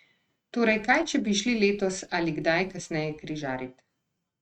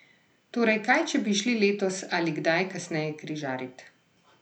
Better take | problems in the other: second | noise reduction (neural mask model RNNoise)

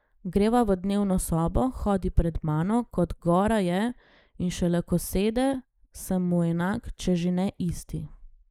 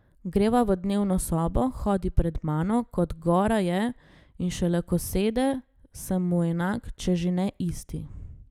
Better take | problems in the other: second | noise reduction (neural mask model Resemble Enhance denoiser)

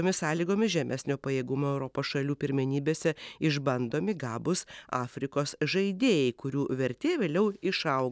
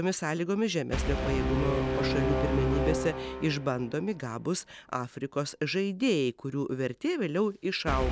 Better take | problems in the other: first | background sound (Brass instrument); 3 dB below the speech

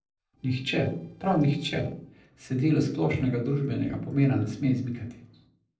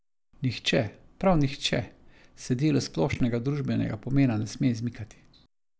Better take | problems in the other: second | noise reduction (neural separator model SepFormer DNS4)

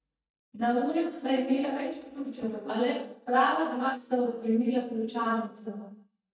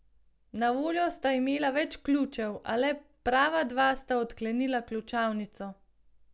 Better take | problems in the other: second | noise reduction (neural mask model DeepFilterNet 3)

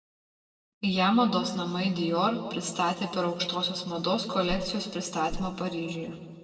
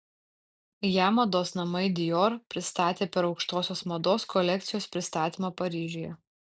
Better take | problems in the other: second | noise reduction (neural separator model SepFormer DNS4)

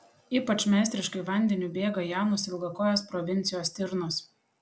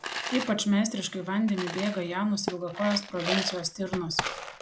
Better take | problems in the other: first | background sound (Coin (dropping)); 7 dB below the speech

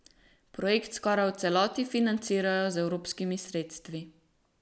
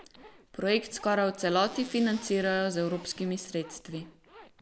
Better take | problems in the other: first | background sound (Zipper (clothing) + Zipper (clothing)); 20 dB below the speech

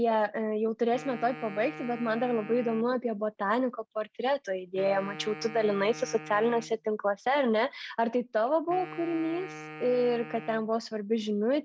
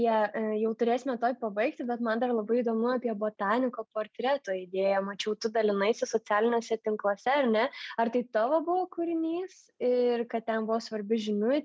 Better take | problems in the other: second | background sound (Wind instrument, woodwind instrument); 16 dB below the speech

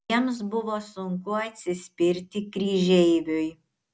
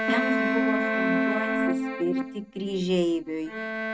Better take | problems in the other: first | noise reduction (neural mask model RNNoise)

